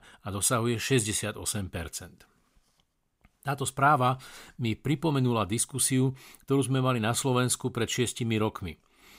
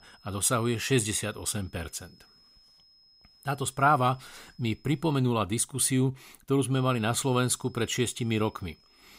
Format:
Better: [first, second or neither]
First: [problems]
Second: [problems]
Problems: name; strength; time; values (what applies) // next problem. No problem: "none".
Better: first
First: none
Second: high-pitched whine; faint; until 5 s and from 6.5 s on; 5 kHz, 30 dB below the speech